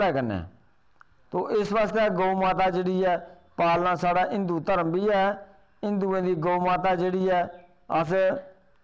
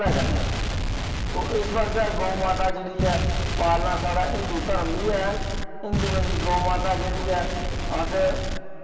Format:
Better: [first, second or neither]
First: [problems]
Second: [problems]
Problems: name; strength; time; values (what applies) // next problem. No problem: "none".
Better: first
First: none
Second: background sound (Explosion); as loud as the speech // room echo; dies away in 2.3 s